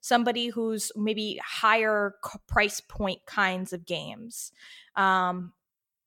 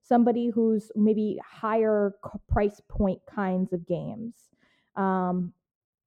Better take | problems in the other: first | muffled; very; fading above 1 kHz

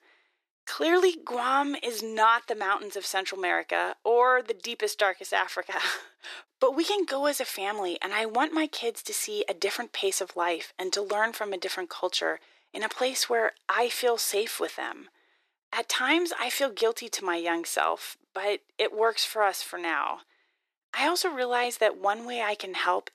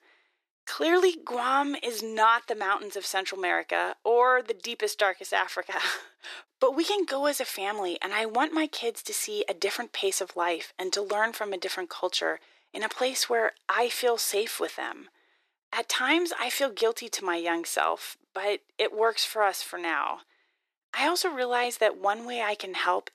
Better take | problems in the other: neither | thin; very; fading below 350 Hz; the same in both

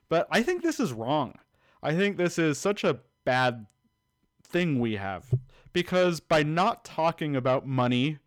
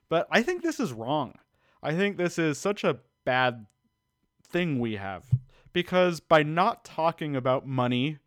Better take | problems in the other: second | distortion; slight; 10 dB below the speech

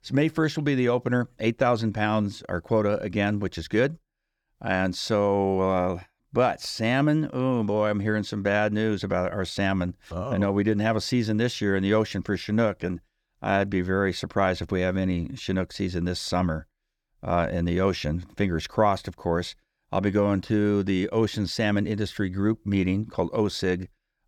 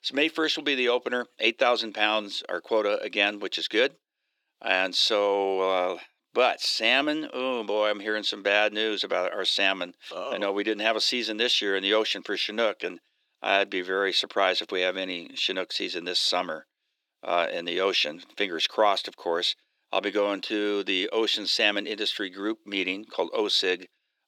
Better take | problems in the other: first | thin; somewhat; fading below 350 Hz

